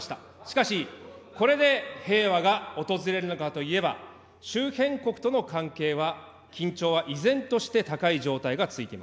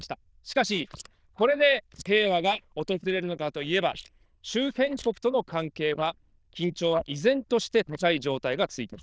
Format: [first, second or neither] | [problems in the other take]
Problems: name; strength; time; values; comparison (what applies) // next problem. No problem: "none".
first | noise reduction (neural diffusion model UNIVERSE++)